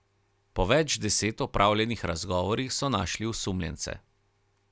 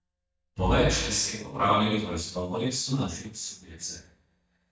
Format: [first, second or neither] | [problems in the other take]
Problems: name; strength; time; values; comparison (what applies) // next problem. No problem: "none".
first | noise reduction (neural mask model DeepFilterNet 3)